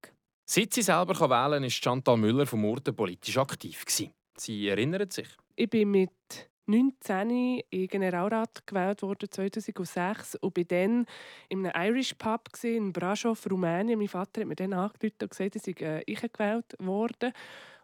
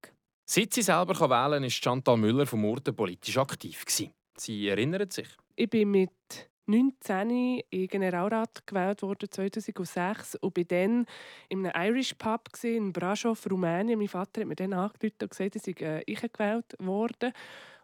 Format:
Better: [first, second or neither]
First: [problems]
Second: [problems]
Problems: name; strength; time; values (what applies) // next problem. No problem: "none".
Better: neither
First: none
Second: none